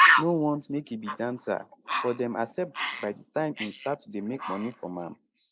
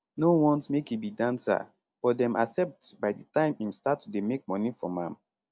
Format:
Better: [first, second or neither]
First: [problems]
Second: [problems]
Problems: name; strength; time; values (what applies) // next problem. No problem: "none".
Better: second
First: noise reduction (neural mask model Resemble Enhance denoiser)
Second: none